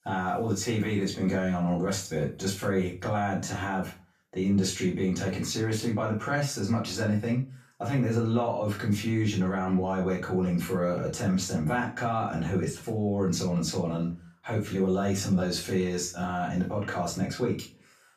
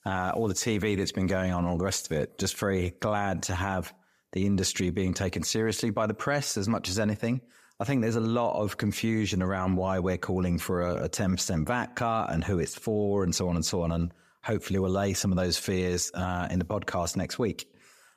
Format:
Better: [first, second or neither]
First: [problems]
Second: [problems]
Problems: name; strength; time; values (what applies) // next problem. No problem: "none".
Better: second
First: off-mic speech; far // room echo; slight; dies away in 0.3 s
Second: none